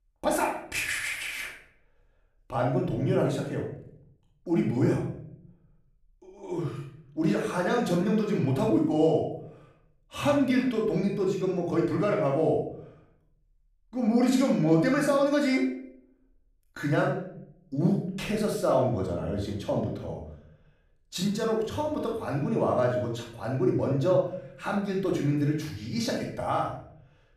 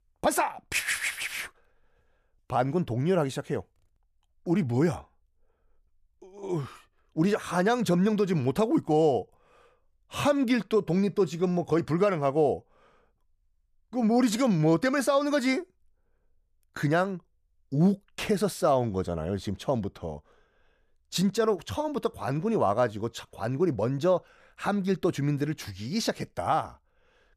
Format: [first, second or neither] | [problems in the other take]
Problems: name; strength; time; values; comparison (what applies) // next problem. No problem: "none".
second | off-mic speech; far // room echo; noticeable; dies away in 0.6 s